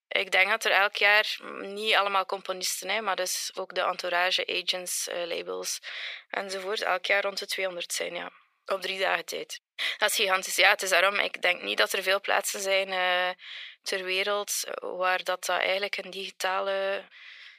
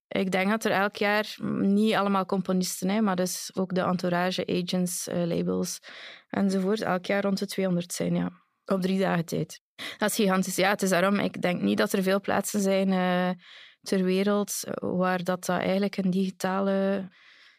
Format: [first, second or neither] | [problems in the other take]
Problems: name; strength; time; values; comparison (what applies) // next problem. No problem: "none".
second | thin; very; fading below 500 Hz